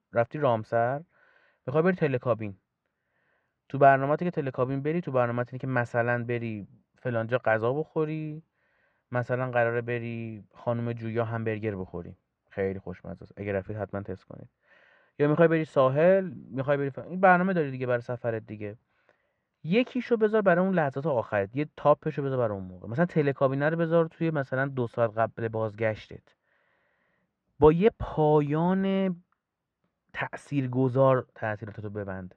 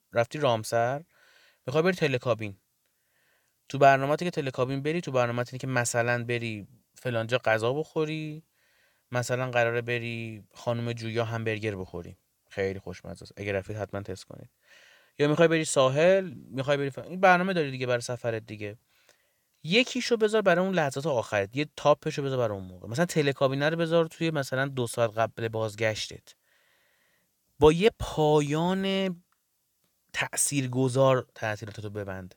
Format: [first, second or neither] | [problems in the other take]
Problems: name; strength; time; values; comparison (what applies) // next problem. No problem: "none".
second | muffled; very; fading above 1.5 kHz